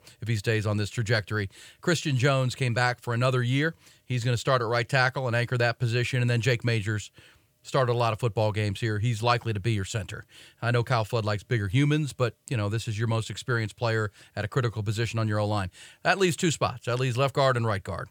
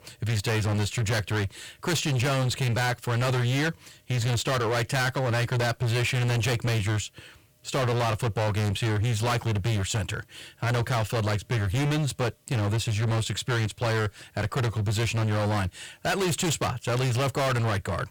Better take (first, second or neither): first